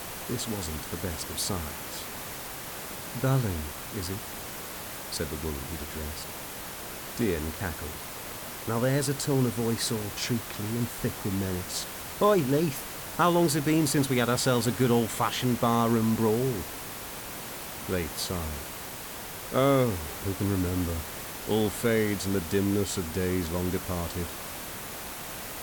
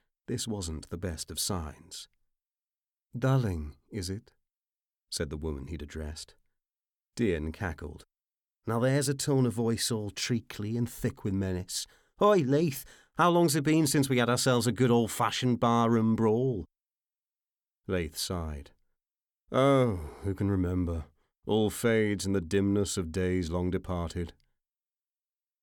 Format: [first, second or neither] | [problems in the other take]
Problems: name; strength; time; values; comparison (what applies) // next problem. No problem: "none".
second | hiss; loud; throughout; 8 dB below the speech